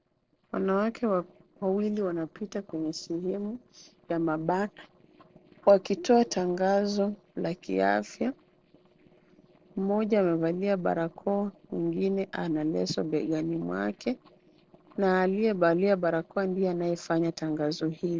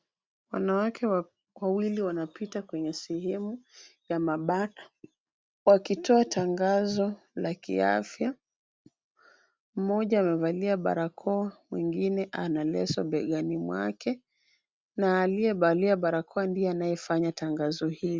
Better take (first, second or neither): second